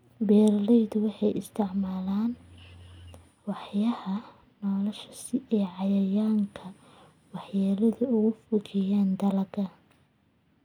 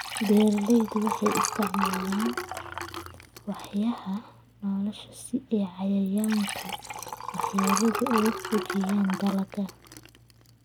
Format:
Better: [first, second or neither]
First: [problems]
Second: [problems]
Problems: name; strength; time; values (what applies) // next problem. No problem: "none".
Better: first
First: none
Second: background sound (Liquid); 6 dB below the speech